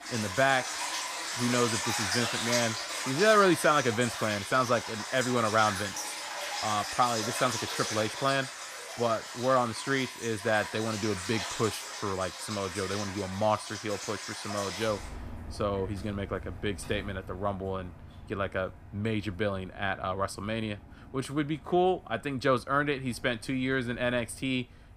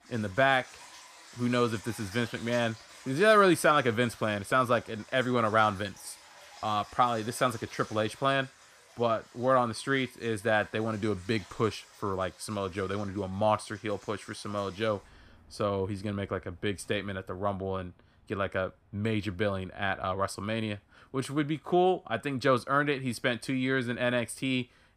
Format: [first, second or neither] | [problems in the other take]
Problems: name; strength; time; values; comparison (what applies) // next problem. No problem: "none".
second | rain or running water; loud; throughout; 5 dB below the speech; faint in the second